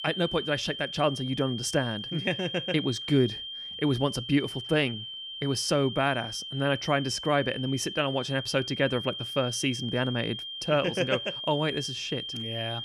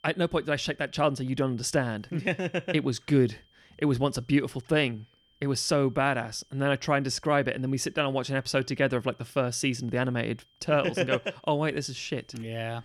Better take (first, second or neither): second